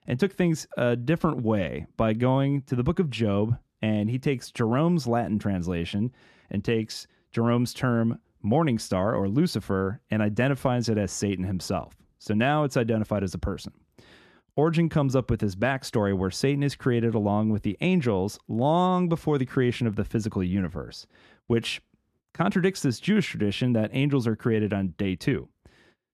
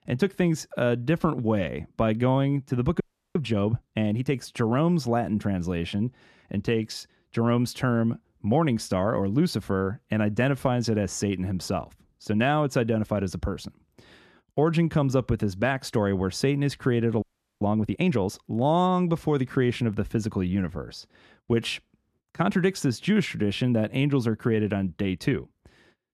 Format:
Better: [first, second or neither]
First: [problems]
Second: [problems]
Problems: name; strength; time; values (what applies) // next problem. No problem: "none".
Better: first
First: none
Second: audio freezing; at 3 s and at 17 s